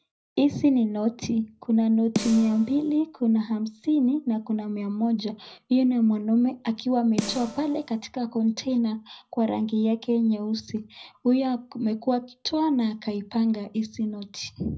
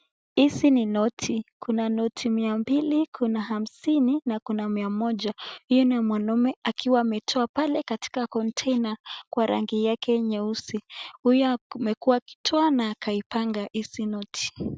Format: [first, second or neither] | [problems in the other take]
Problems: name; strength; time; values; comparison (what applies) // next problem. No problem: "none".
second | background sound (Snare drum); 11 dB below the speech // room echo; dies away in 0.4 s